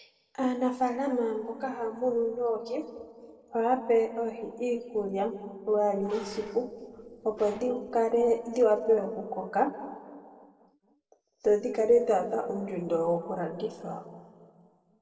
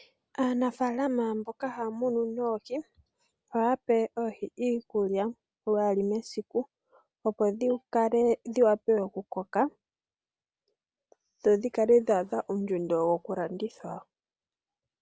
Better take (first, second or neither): second